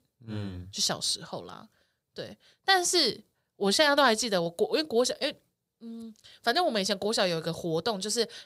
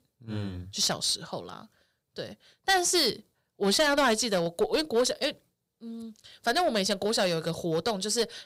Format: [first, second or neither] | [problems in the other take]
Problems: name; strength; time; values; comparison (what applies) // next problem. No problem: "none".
first | distortion; slight; 4% of the sound clipped